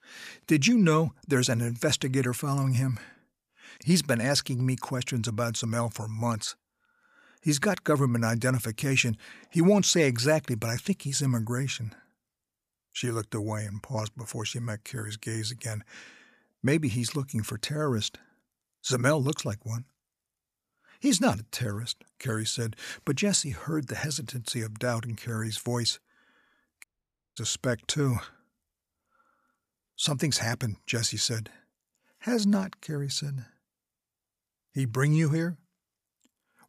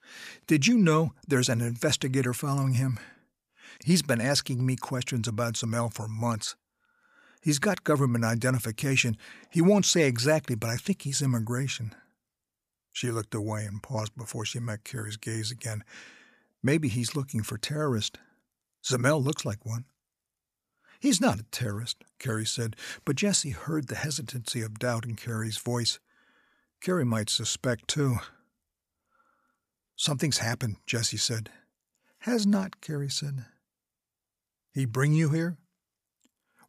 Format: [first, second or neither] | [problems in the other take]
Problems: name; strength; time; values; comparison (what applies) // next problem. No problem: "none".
second | audio cutting out; at 27 s for 0.5 s